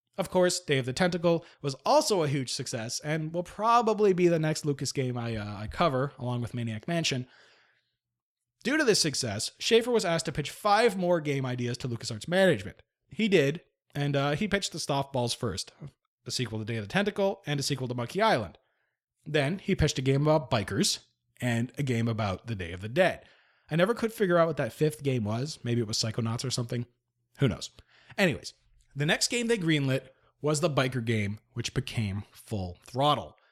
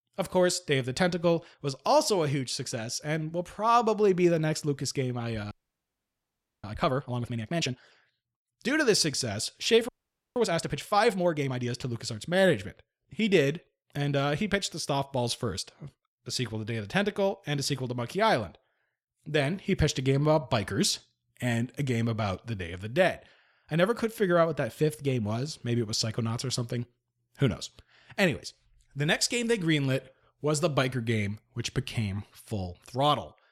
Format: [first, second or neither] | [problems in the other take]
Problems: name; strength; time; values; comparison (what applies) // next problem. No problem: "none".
first | audio freezing; at 5.5 s for 1 s and at 10 s